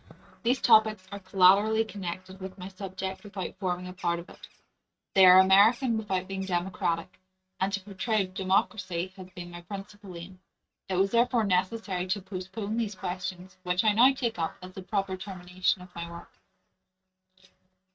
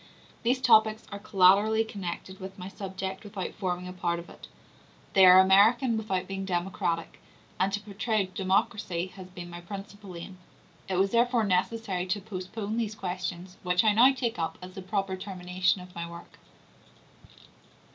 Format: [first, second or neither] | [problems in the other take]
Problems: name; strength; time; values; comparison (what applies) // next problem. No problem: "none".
second | noise reduction (neural mask model RNNoise)